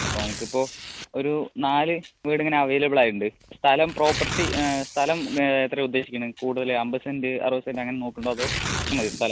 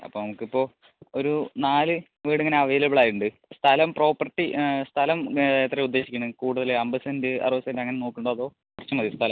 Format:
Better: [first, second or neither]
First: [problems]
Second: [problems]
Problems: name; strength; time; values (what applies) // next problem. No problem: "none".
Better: second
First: background sound (Tearing); 10 dB below the speech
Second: none